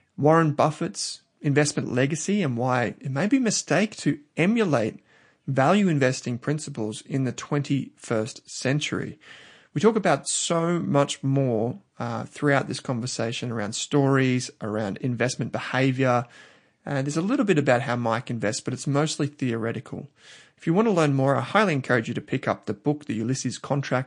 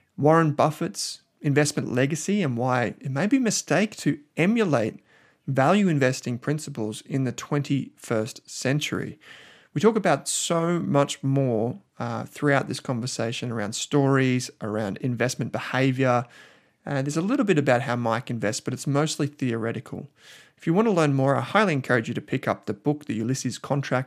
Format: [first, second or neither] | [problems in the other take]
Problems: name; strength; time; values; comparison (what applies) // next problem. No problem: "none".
second | garbled, watery; slightly; nothing above 9 kHz